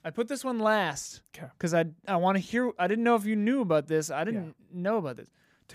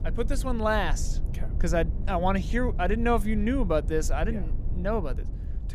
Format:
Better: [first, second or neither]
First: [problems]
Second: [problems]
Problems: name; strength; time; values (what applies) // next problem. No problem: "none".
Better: first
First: none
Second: low rumble; noticeable; throughout; 20 dB below the speech